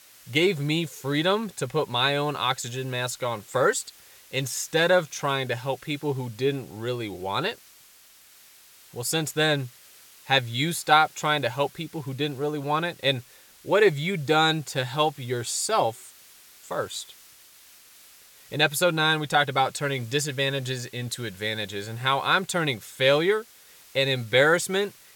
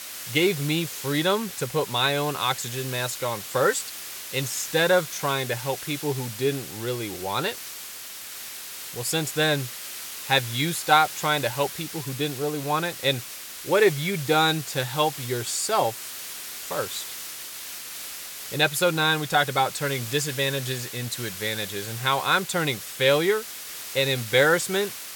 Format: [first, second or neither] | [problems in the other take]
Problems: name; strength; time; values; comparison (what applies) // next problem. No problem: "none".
first | hiss; loud; throughout; 9 dB below the speech; faint in the first